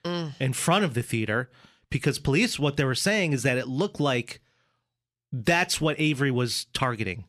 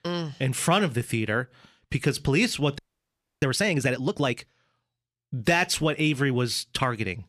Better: first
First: none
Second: audio freezing; at 3 s for 0.5 s

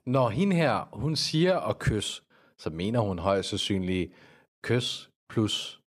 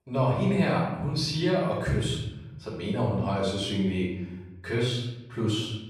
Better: first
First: none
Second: off-mic speech; far // room echo; noticeable; dies away in 1 s

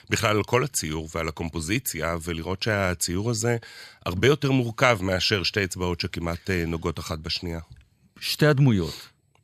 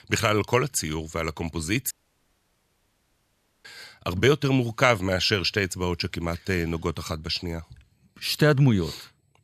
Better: first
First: none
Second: audio cutting out; at 2 s for 1.5 s

